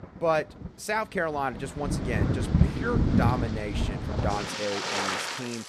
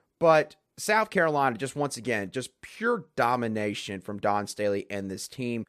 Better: second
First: rain or running water; very loud; throughout; 4 dB above the speech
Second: none

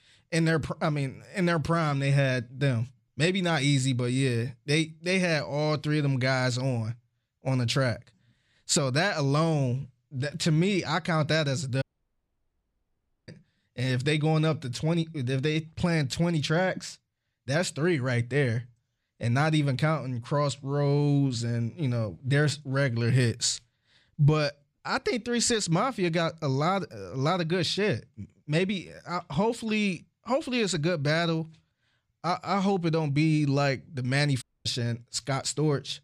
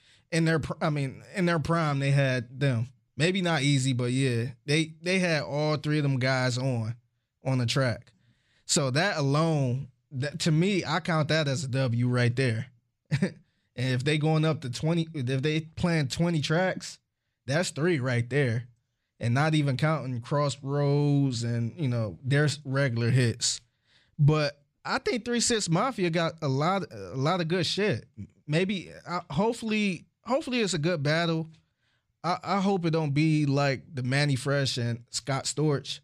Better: second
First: audio cutting out; at 12 s for 1.5 s and at 34 s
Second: none

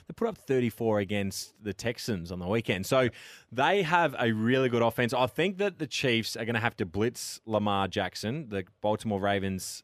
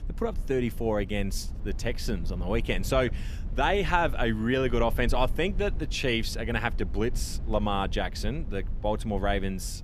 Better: first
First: none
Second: low rumble; faint; throughout; 20 dB below the speech

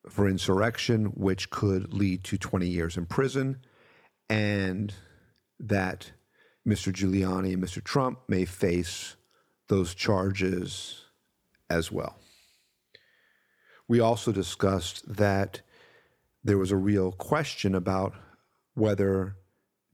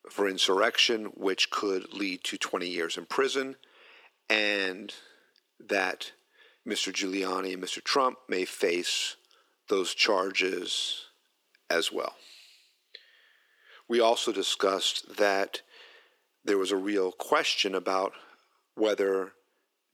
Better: first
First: none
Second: thin; somewhat; fading below 300 Hz

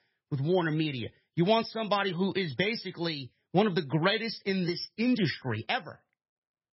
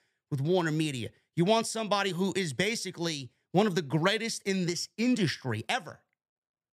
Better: second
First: garbled, watery; badly; nothing above 5.5 kHz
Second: none

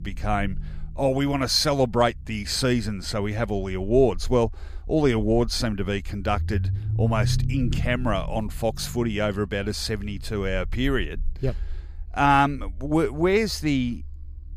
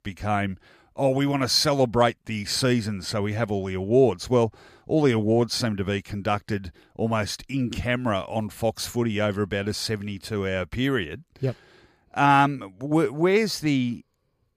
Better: second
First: low rumble; faint; throughout; 20 dB below the speech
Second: none

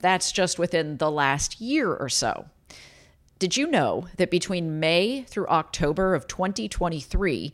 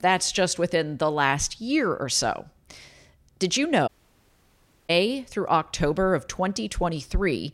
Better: first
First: none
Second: audio cutting out; at 4 s for 1 s

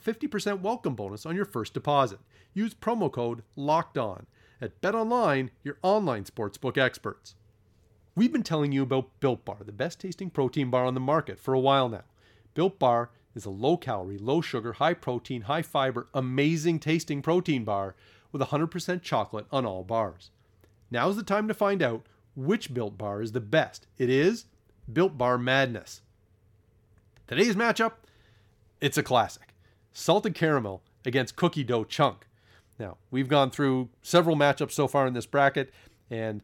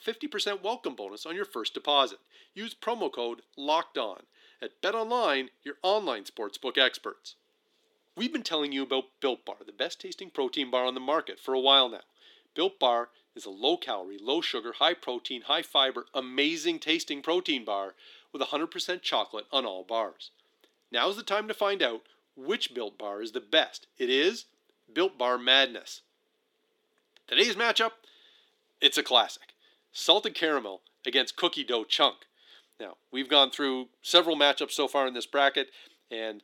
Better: first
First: none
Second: thin; somewhat; fading below 300 Hz

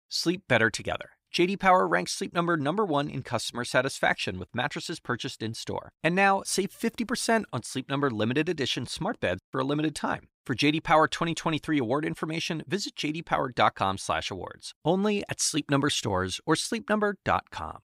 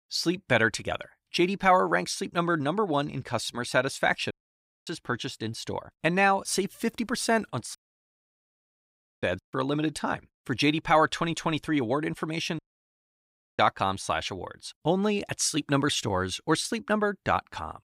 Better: first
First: none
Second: audio cutting out; at 4.5 s for 0.5 s, at 8 s for 1.5 s and at 13 s for 1 s

